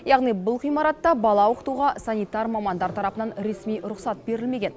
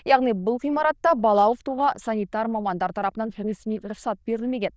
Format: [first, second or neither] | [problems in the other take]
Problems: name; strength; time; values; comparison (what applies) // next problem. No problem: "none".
first | noise reduction (neural diffusion model UNIVERSE++)